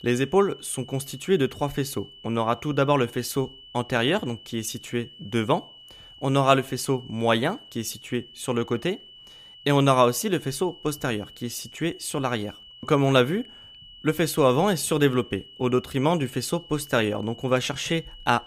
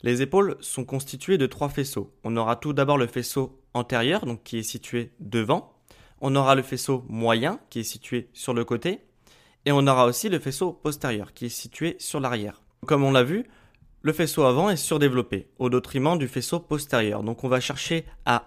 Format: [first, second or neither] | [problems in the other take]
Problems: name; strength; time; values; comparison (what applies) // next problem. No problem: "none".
second | high-pitched whine; noticeable; throughout; 3 kHz, 20 dB below the speech